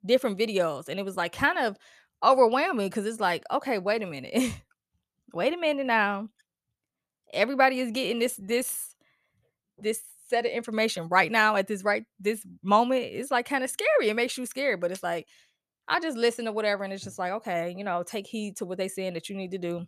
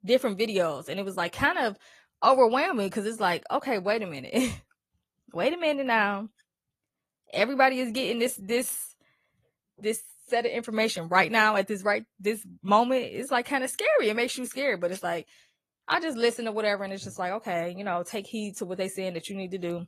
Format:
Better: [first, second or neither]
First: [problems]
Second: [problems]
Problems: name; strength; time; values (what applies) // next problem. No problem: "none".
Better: first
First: none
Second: garbled, watery; slightly; nothing above 14.5 kHz